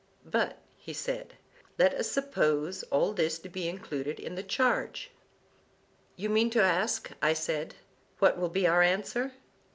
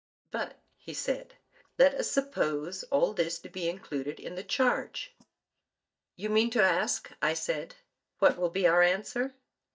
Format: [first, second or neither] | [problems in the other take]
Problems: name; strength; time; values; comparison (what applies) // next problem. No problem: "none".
first | noise reduction (neural mask model DeepFilterNet 3)